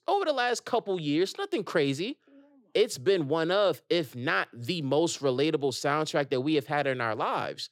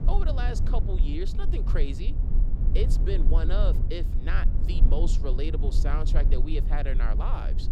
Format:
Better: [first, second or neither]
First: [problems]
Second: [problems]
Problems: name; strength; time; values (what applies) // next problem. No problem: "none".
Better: first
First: none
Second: low rumble; loud; throughout; 8 dB below the speech